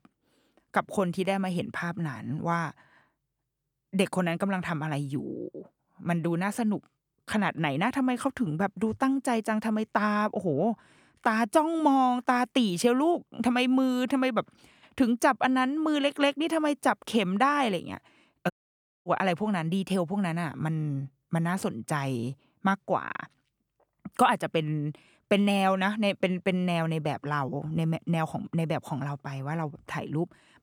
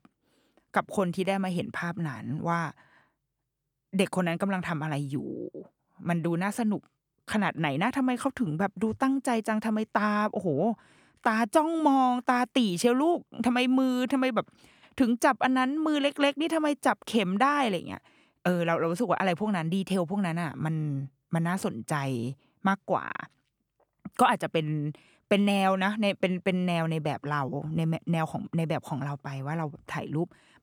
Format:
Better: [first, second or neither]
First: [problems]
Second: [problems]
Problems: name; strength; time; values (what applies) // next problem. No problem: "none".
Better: second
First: audio cutting out; at 19 s for 0.5 s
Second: none